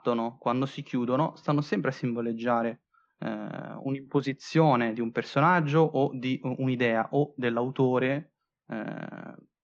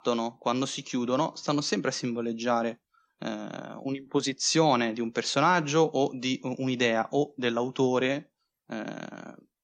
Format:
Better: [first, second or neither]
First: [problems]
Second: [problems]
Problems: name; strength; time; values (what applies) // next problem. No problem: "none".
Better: second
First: muffled; very; fading above 2 kHz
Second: none